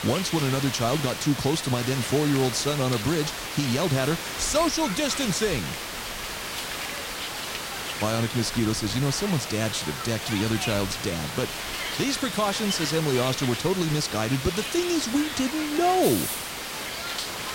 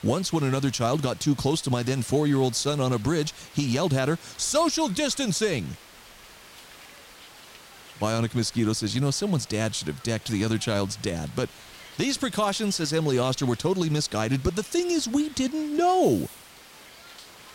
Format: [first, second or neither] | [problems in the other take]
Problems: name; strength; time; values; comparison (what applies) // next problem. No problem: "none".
second | hiss; loud; throughout; 5 dB below the speech; faint in the second